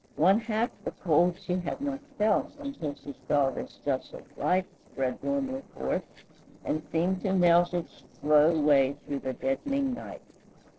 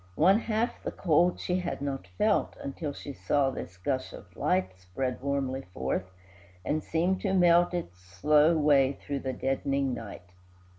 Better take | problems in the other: second | noise reduction (neural separator model SepFormer DNS4)

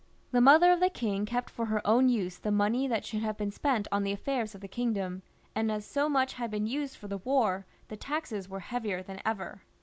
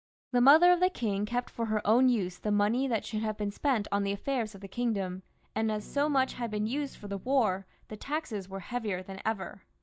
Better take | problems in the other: first | noise reduction (neural mask model DeepFilterNet 3)

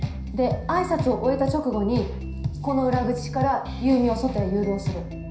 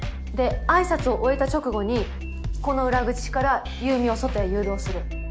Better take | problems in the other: second | room echo; dies away in 0.5 s

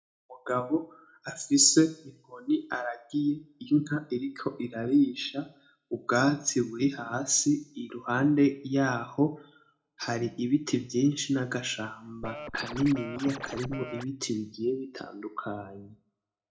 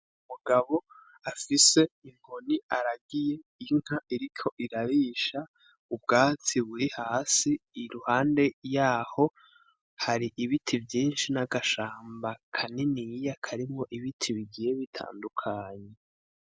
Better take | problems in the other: second | background sound (Scratching (performance technique)); 11 dB below the speech // room echo; dies away in 0.3 s

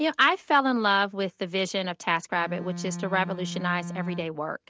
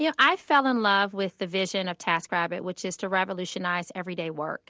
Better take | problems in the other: second | noise reduction (neural mask model RNNoise)

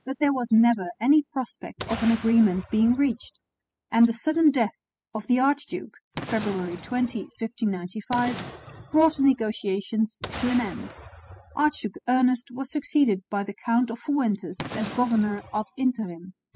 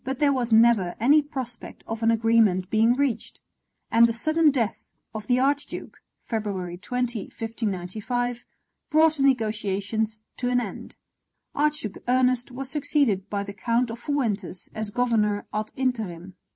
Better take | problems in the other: second | noise reduction (classical method spectral subtraction)

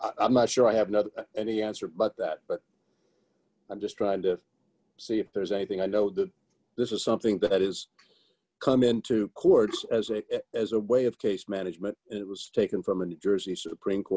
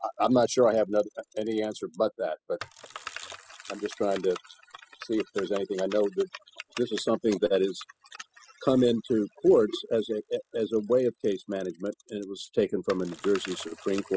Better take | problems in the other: first | noise reduction (classical method spectral subtraction)

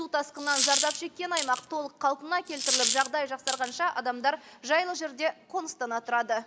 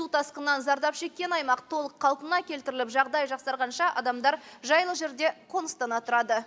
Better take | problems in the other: second | background sound (Coin (dropping)); 1 dB below the speech

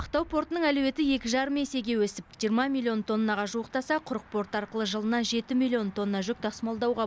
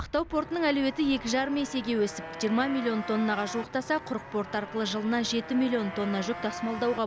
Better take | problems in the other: first | background sound (Motorcycle); 12 dB below the speech

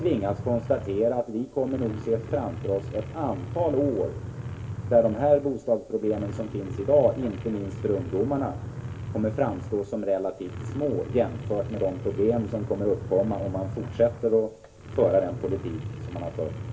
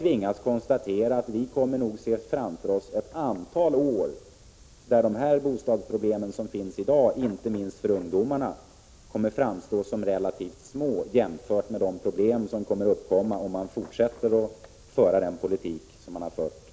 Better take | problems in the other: second | background sound (Truck); 9 dB below the speech // room echo; dies away in 0.2 s

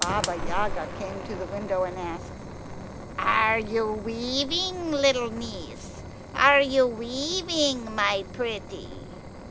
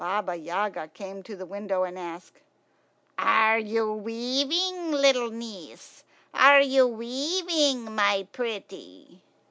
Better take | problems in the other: second | background sound (Fire); 9 dB below the speech

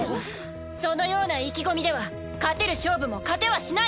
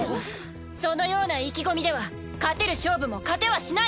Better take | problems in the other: second | background sound (Wind instrument, woodwind instrument); 14 dB below the speech

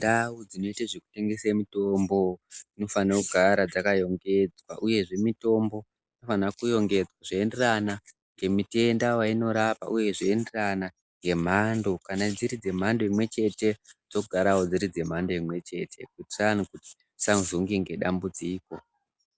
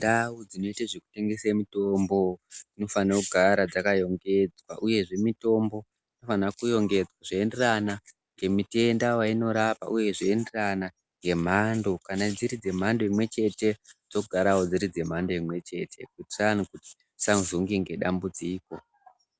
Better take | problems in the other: second | noise reduction (neural mask model Resemble Enhance denoiser)

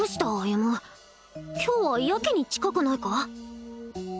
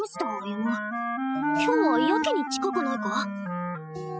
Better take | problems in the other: first | noise reduction (classical method spectral subtraction)

